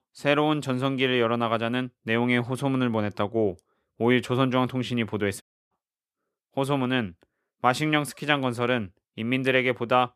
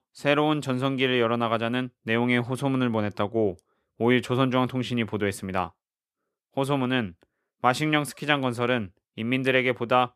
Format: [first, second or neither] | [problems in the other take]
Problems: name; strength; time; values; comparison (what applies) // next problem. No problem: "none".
second | audio cutting out; at 5.5 s